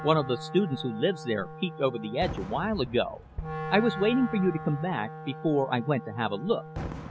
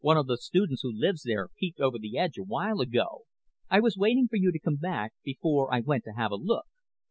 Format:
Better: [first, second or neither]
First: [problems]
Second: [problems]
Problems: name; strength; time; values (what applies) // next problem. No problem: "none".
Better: second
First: background sound (Fireworks + Wind instrument, woodwind instrument); 10 dB below the speech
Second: none